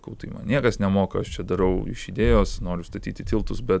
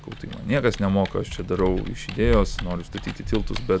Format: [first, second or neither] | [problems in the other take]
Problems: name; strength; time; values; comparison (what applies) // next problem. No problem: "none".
first | background sound (Typing); 16 dB below the speech